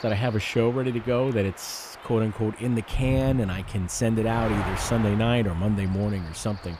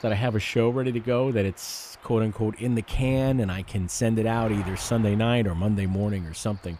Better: second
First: wind noise on the microphone; heavy; 9 dB below the speech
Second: wind noise on the microphone; occasional gusts; 15 dB below the speech

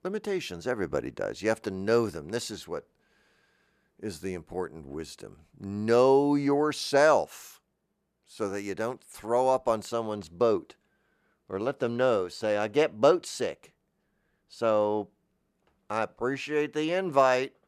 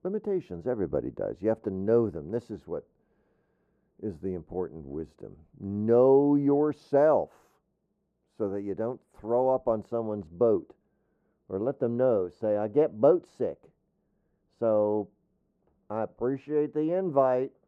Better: first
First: none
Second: muffled; very; fading above 1.5 kHz

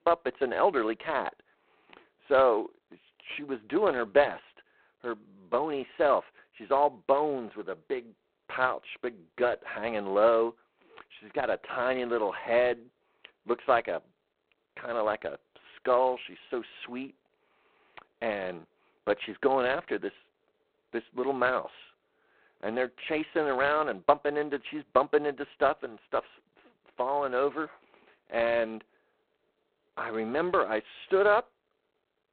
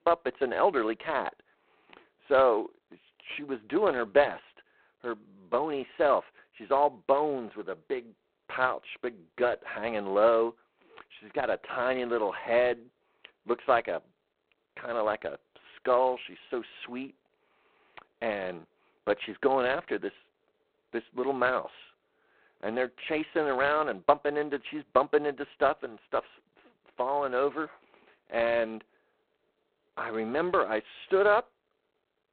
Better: neither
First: phone-call audio; poor line; nothing above 4 kHz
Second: phone-call audio; poor line; nothing above 4 kHz

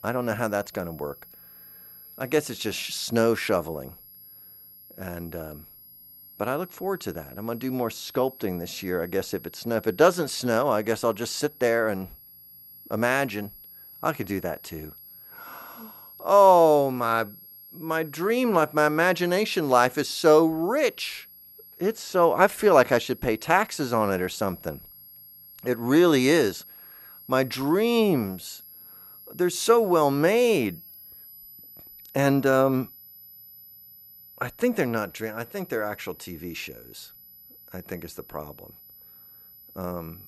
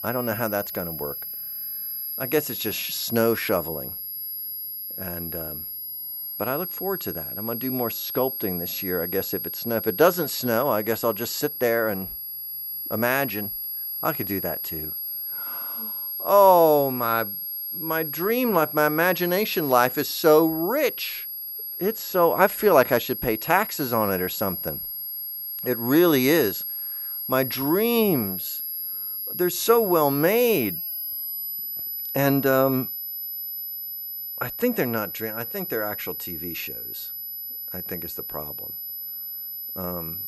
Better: first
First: high-pitched whine; faint; throughout; 11.5 kHz, 20 dB below the speech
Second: high-pitched whine; loud; throughout; 11.5 kHz, 6 dB below the speech

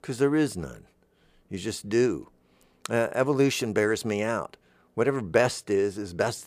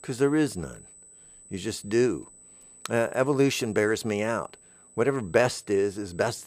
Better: first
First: none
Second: high-pitched whine; faint; throughout; 8 kHz, 25 dB below the speech

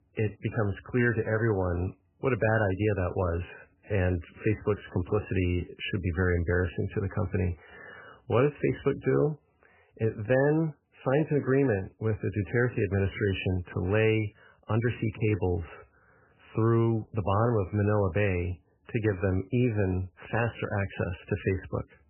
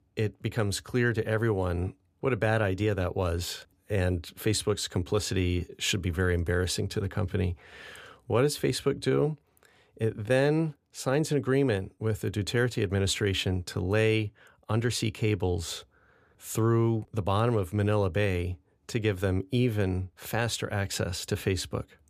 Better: second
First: garbled, watery; badly; nothing above 3 kHz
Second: none

